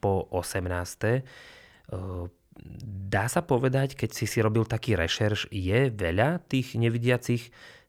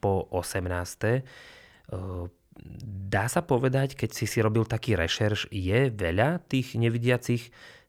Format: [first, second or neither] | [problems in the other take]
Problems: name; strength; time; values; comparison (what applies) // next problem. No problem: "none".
neither | none